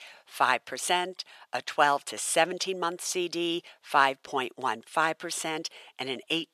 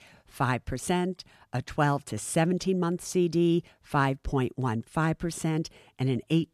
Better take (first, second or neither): second